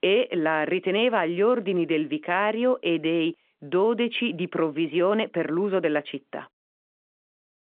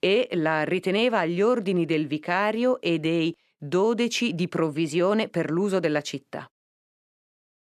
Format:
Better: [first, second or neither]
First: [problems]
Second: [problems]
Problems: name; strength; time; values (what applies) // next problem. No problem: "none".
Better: second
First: phone-call audio; nothing above 3 kHz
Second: none